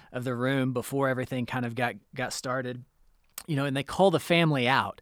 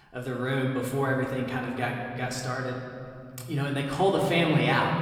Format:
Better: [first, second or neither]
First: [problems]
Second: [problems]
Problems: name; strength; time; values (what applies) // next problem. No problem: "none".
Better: first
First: none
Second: room echo; noticeable; dies away in 2.7 s // off-mic speech; far